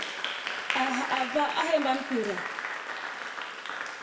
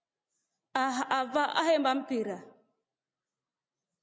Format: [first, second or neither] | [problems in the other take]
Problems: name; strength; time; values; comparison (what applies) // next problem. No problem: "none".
second | background sound (Applause); 2 dB below the speech // room echo; dies away in 0.2 s